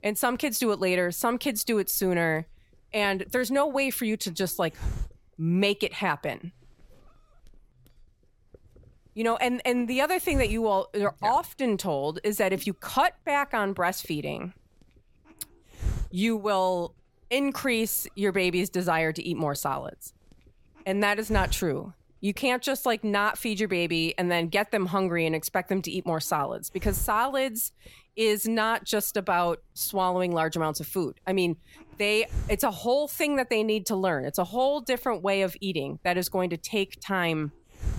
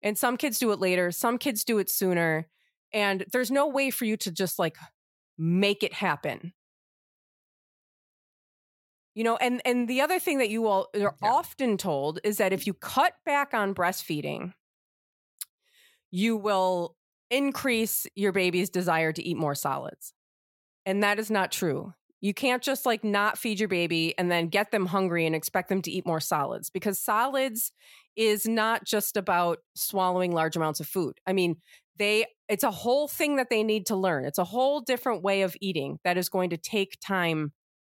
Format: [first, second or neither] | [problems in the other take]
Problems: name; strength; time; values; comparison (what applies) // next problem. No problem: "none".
second | hiss; noticeable; throughout; 15 dB below the speech